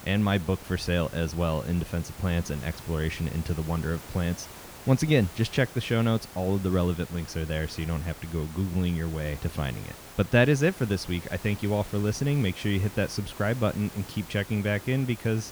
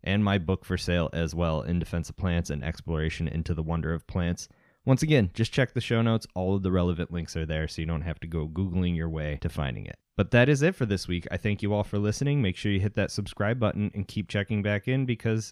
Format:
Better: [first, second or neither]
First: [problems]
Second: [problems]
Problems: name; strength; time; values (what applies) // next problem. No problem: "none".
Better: second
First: hiss; noticeable; throughout; 15 dB below the speech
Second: none